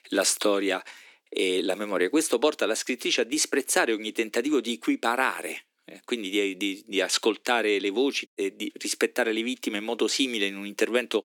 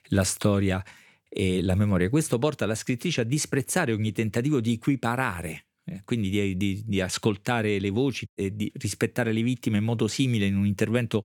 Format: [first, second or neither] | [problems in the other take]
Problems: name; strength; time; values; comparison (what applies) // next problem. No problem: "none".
second | thin; somewhat; fading below 300 Hz